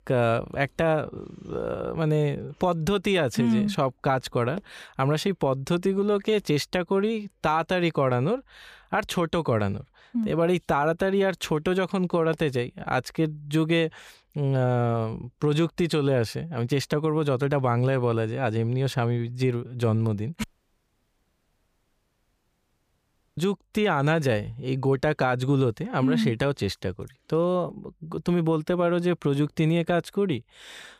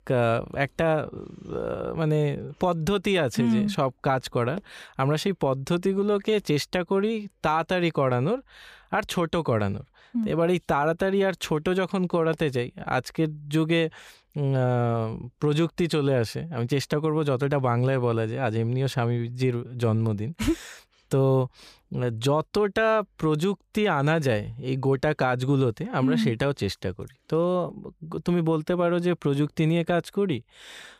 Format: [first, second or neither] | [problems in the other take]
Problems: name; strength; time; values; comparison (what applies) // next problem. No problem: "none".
second | audio cutting out; at 20 s for 3 s